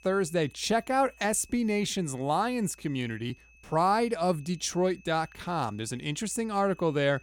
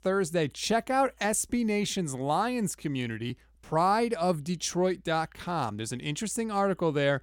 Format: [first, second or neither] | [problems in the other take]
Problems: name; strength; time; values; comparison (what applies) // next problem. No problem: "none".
second | high-pitched whine; faint; throughout; 2.5 kHz, 30 dB below the speech